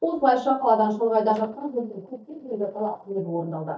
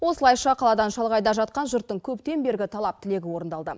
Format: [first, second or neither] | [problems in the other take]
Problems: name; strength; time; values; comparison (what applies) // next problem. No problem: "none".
second | noise reduction (neural mask model DeepFilterNet 3)